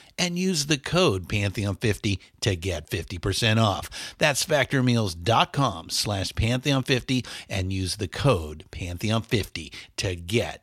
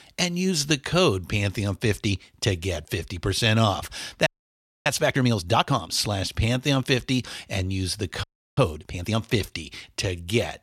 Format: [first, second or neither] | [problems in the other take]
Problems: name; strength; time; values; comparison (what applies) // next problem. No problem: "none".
first | audio freezing; at 4.5 s for 0.5 s and at 8 s